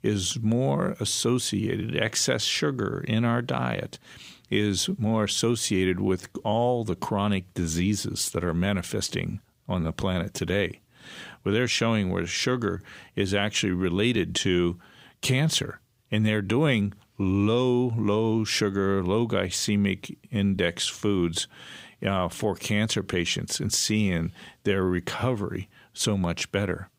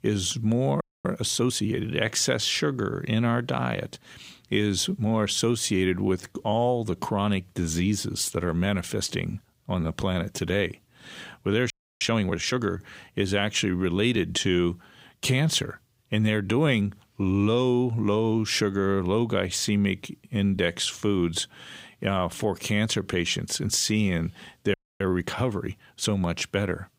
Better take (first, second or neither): first